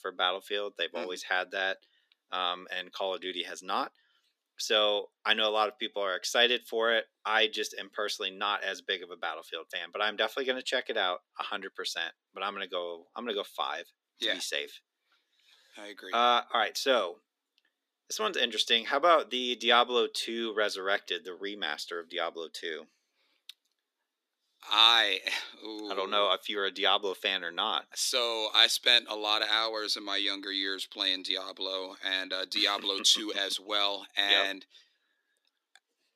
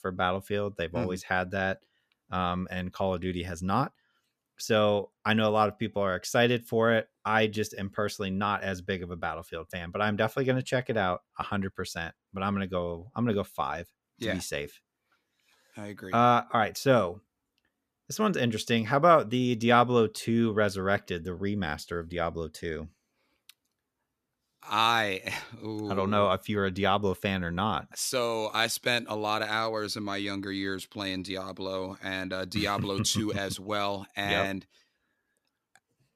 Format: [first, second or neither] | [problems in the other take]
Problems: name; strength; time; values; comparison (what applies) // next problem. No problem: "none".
second | thin; somewhat; fading below 300 Hz